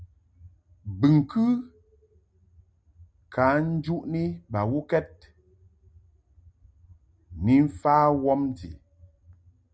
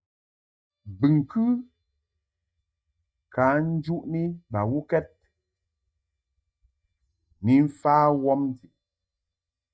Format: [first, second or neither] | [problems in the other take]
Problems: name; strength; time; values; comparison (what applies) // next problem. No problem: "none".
first | noise reduction (neural mask model DeepFilterNet 3)